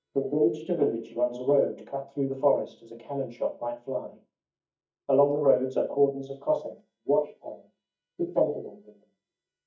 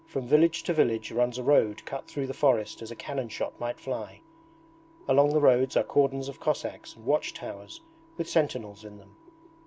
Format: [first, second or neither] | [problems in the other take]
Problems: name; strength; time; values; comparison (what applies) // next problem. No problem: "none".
second | noise reduction (neural mask model DeepFilterNet 3)